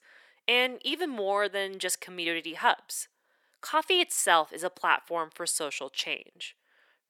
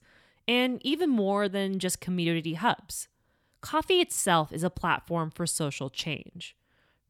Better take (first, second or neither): second